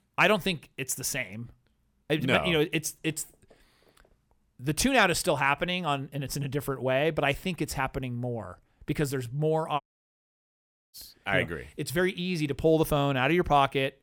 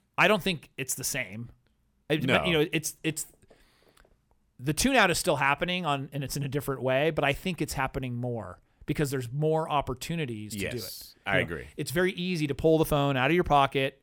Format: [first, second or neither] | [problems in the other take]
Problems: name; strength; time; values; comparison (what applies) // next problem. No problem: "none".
second | audio cutting out; at 10 s for 1 s